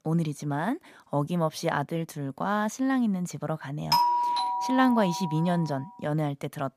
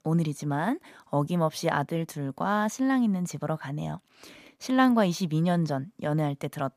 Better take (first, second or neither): second